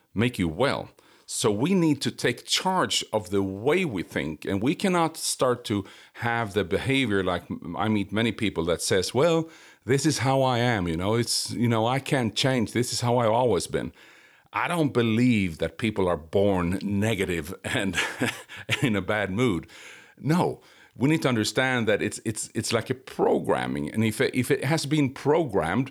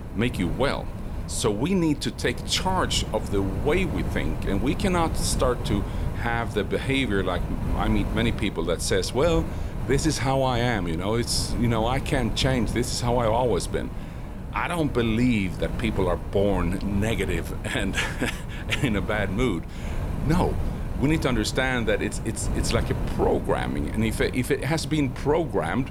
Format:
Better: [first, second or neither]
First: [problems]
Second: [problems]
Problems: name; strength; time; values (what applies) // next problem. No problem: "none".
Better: first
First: none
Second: wind noise on the microphone; occasional gusts; 15 dB below the speech